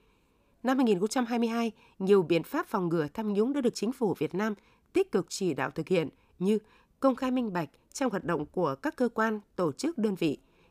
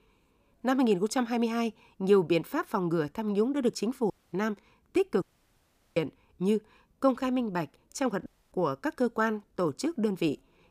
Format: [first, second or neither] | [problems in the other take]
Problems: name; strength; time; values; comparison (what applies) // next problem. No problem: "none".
first | audio cutting out; at 4 s, at 5 s for 0.5 s and at 8.5 s